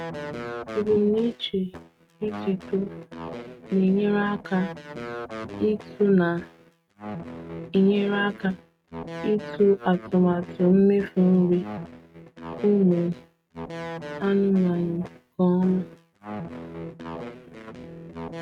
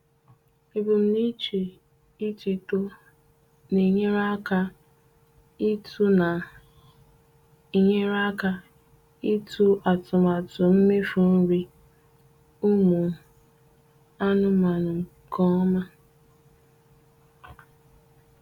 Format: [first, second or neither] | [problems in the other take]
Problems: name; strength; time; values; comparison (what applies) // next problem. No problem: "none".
second | noise reduction (neural mask model RNNoise)